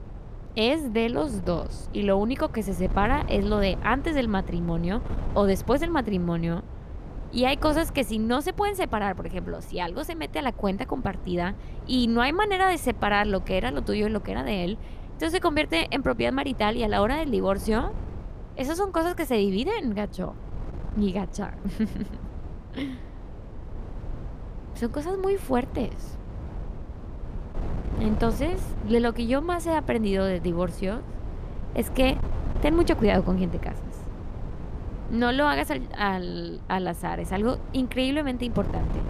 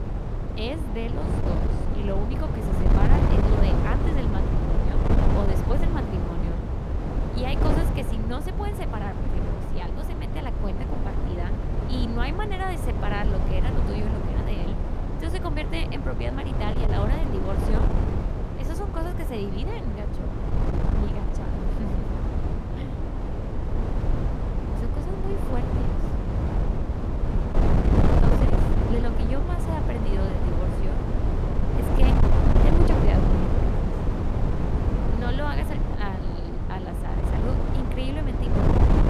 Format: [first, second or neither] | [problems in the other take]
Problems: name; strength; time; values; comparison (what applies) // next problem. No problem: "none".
first | wind noise on the microphone; heavy; 2 dB above the speech; occasional gusts in the first